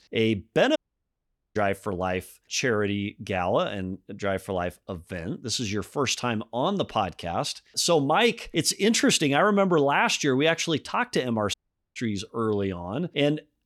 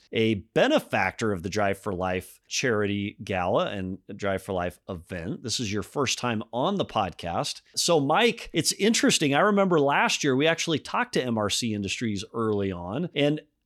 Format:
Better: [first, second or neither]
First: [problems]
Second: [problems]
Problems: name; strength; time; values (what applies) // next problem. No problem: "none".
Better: second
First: audio cutting out; at 1 s for 1 s and at 12 s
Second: none